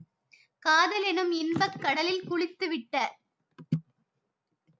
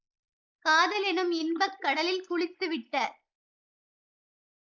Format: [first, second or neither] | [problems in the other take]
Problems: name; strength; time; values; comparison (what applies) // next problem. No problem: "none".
first | noise reduction (neural mask model Resemble Enhance denoiser)